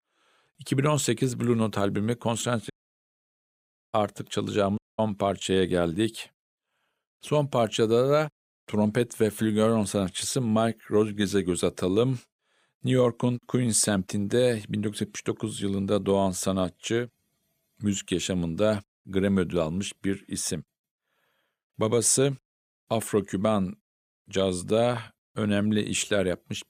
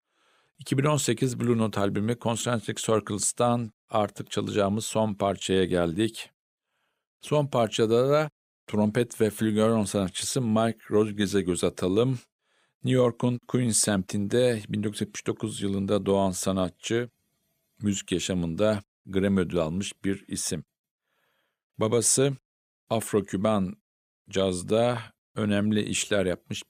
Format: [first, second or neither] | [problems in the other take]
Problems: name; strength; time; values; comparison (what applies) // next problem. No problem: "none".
second | audio cutting out; at 2.5 s for 1 s and at 5 s